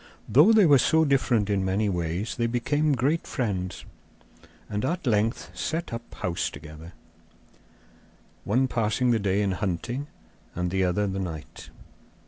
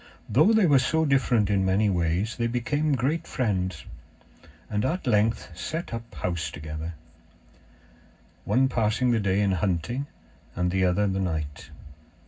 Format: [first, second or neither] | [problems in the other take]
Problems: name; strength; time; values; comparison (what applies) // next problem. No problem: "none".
first | room echo; dies away in 0.4 s